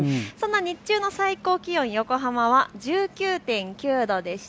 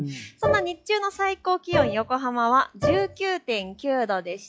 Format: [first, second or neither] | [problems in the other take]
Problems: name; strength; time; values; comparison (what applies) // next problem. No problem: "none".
first | noise reduction (classical method log-MMSE)